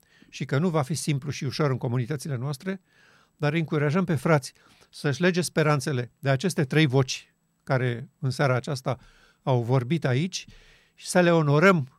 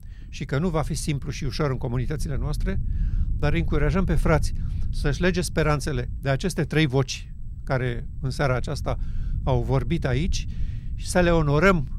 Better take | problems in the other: first | low rumble; faint; throughout; 20 dB below the speech

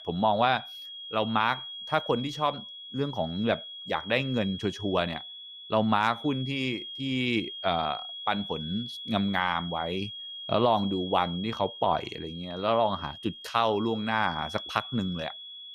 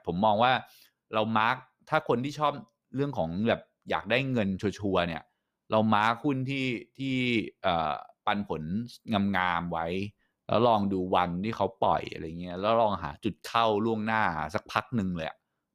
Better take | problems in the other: second | high-pitched whine; loud; throughout; 3.5 kHz, 10 dB below the speech

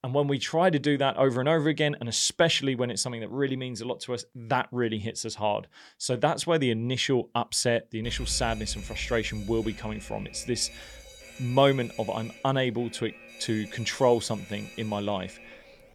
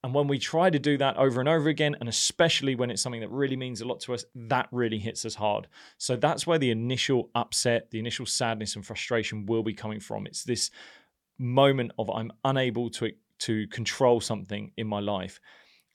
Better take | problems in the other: second | alarm; faint; from 8 s on; peak 10 dB below the speech

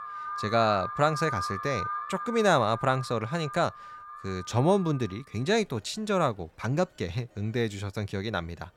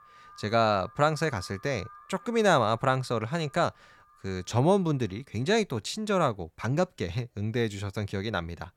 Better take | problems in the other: second | alarms or sirens; loud; throughout; 8 dB below the speech; faint in the second

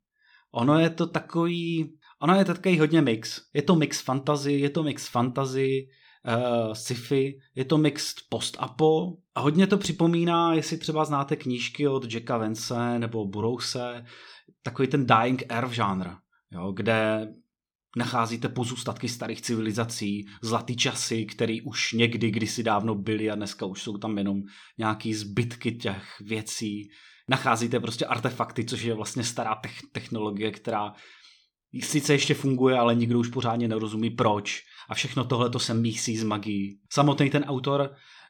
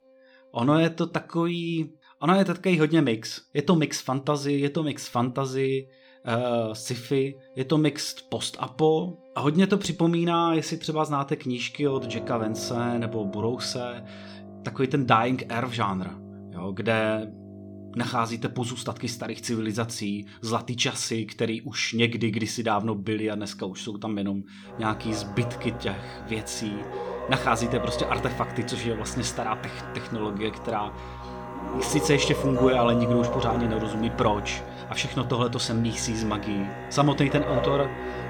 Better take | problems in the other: first | background music; loud; throughout; 8 dB below the speech

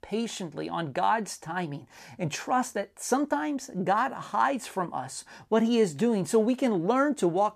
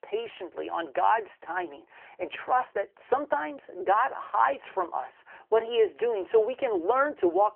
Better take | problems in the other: first | phone-call audio; nothing above 3 kHz

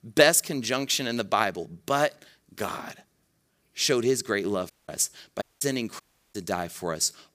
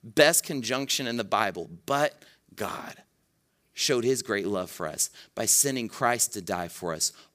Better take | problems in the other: second | audio cutting out; at 4.5 s, at 5.5 s and at 6 s

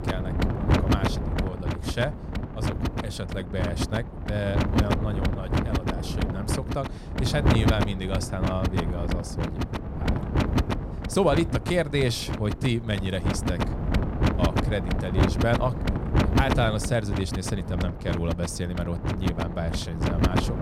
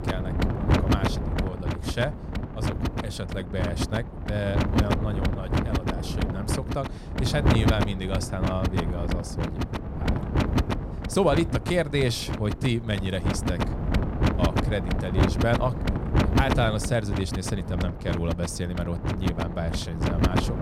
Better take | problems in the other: neither | wind noise on the microphone; heavy; 1 dB below the speech; the same in both

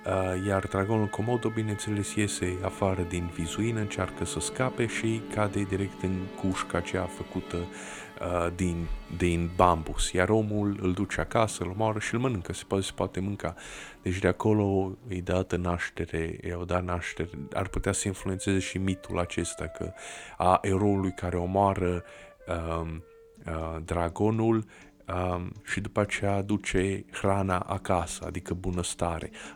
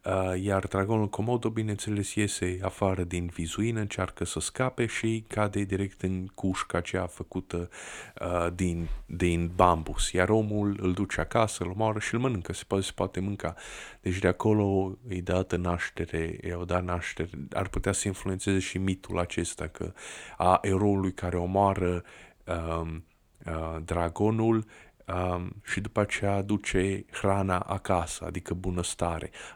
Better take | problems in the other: second | background music; noticeable; throughout; 15 dB below the speech

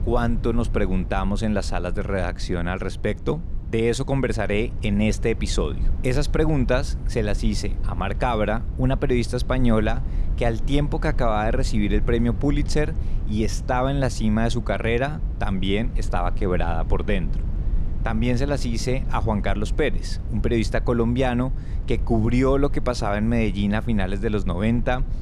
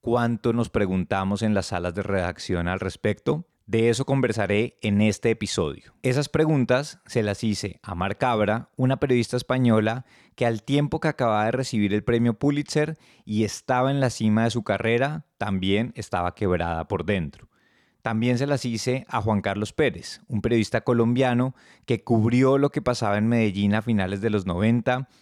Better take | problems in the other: second | low rumble; noticeable; throughout; 20 dB below the speech

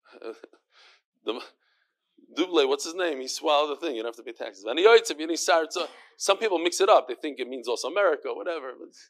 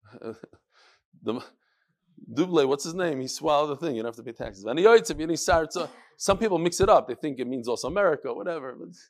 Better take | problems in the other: second | thin; somewhat; fading below 300 Hz

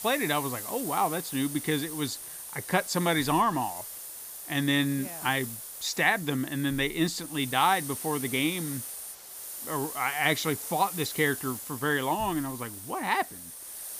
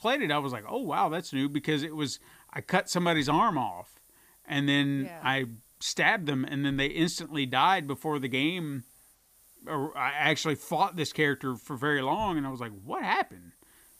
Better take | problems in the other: second | hiss; loud; throughout; 8 dB below the speech; faint in the second

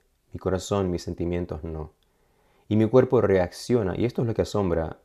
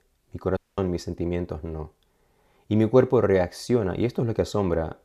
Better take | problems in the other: first | audio cutting out; at 0.5 s

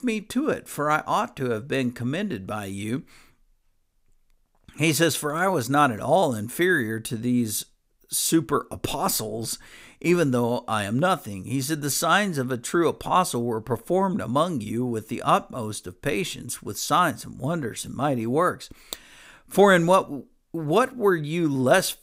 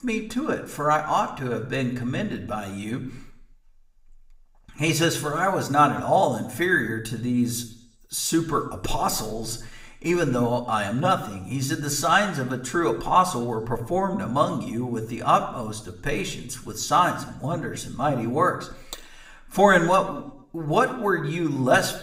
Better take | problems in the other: first | room echo; very slight; dies away in 0.7 s // off-mic speech; somewhat distant

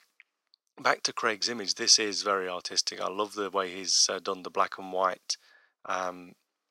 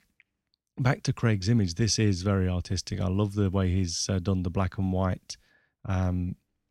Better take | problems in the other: second | thin; very; fading below 450 Hz

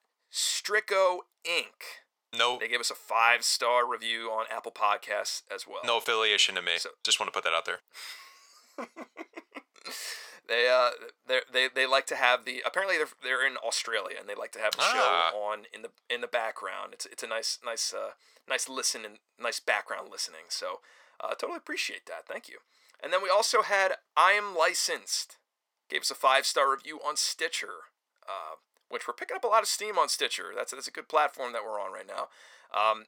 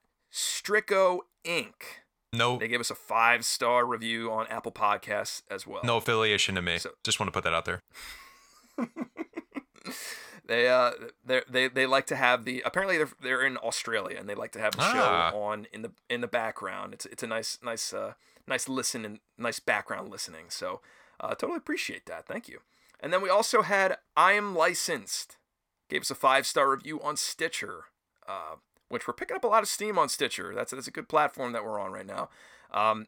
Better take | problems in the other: second | thin; somewhat; fading below 550 Hz

